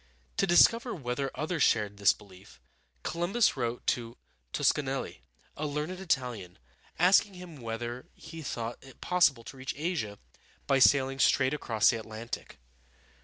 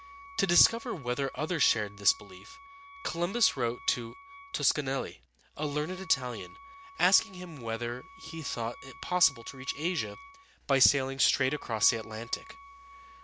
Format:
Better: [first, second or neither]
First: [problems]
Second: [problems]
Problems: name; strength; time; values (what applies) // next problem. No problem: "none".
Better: first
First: none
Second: background sound (Wind instrument, woodwind instrument); 18 dB below the speech